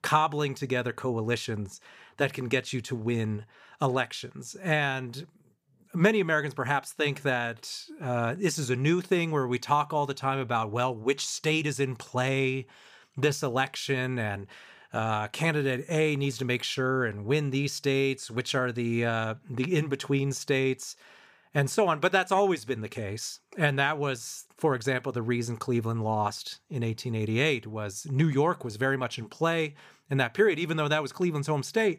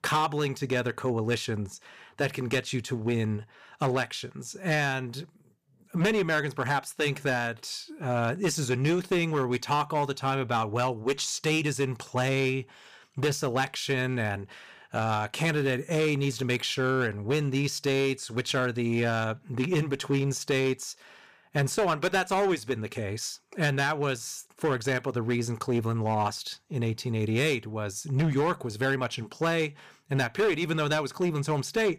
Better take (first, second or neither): first